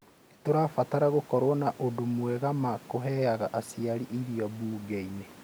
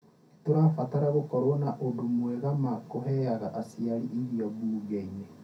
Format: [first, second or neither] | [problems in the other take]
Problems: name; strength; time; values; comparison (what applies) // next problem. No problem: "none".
first | room echo; dies away in 0.3 s